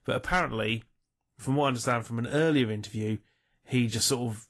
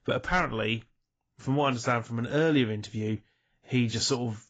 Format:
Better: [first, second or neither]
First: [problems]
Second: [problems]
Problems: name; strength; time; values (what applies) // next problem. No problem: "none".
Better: first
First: garbled, watery; slightly; nothing above 12.5 kHz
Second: garbled, watery; badly; nothing above 7.5 kHz